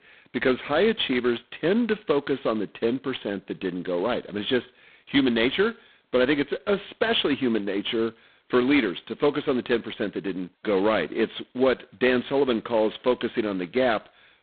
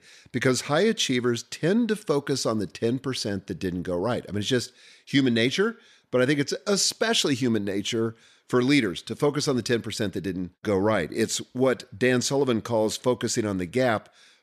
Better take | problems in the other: second | phone-call audio; poor line; nothing above 3.5 kHz

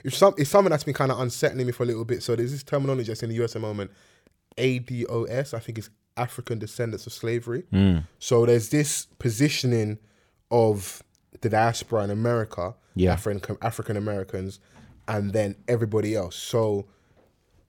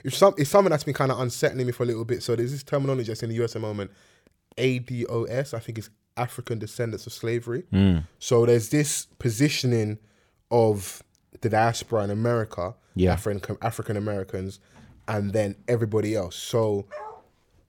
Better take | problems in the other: first | dog barking; faint; at 17 s; peak 15 dB below the speech

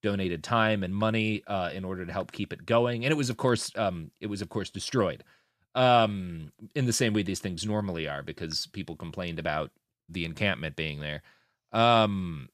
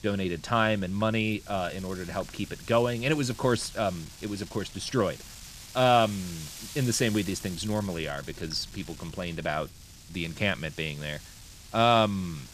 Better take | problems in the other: first | wind noise on the microphone; occasional gusts; 20 dB below the speech

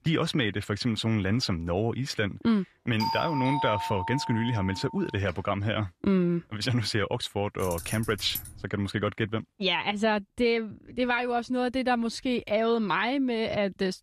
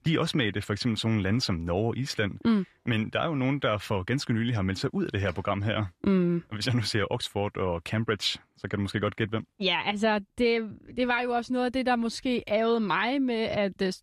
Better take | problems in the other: second | doorbell; noticeable; from 3 to 5 s; peak 2 dB below the speech // jangling keys; noticeable; from 7.5 to 8.5 s; peak 8 dB below the speech

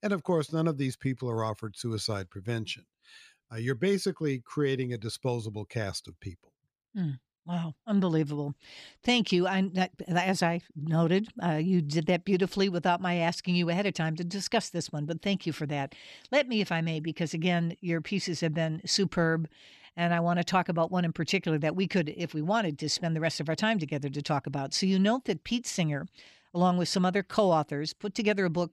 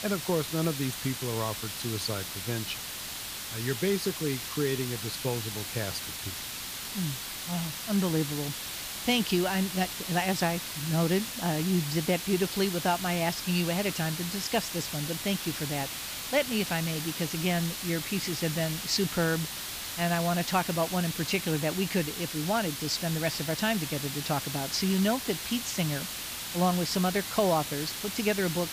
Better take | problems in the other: first | hiss; loud; throughout; 4 dB below the speech

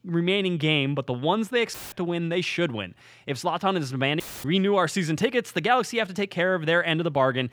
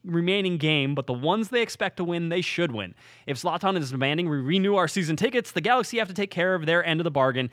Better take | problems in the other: second | audio cutting out; filled with static; at 1.5 s and at 4 s

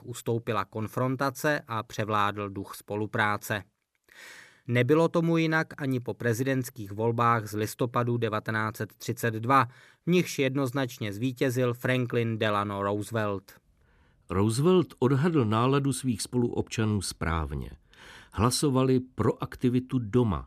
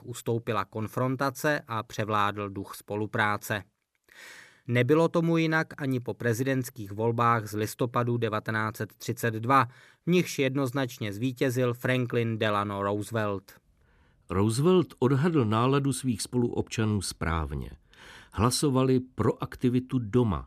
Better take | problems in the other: neither | none

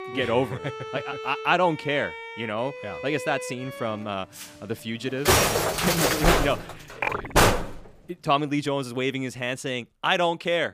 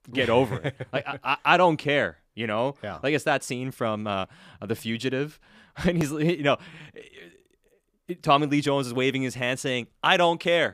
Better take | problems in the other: second | background music; very loud; until 8 s; 2 dB above the speech

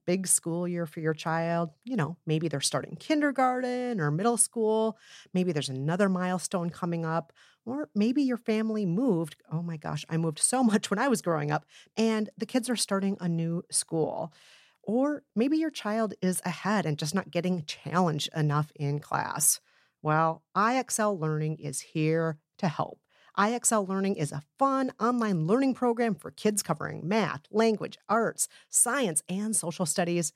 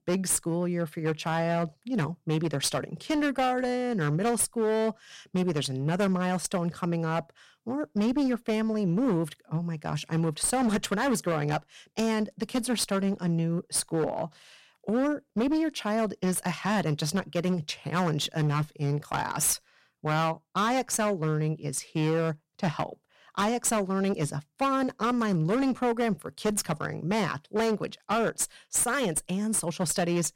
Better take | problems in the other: first | distortion; slight; 14% of the sound clipped

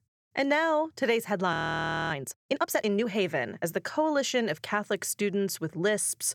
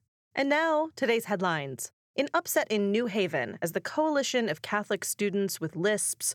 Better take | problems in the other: second | audio freezing; at 1.5 s for 0.5 s

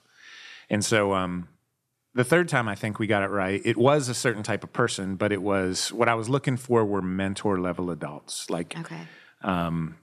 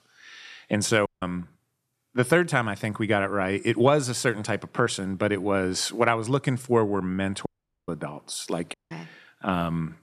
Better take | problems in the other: first | audio cutting out; at 1 s, at 7.5 s and at 8.5 s

